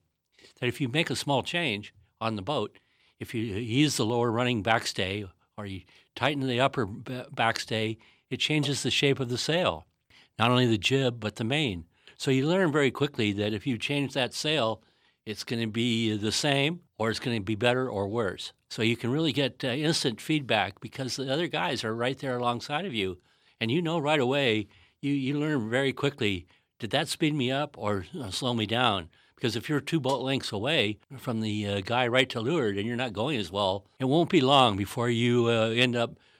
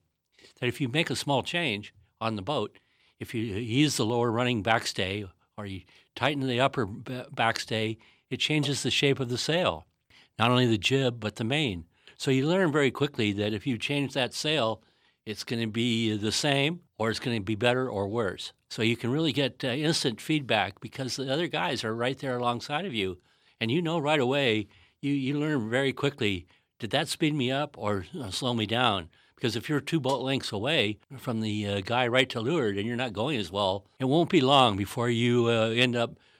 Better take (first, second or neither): neither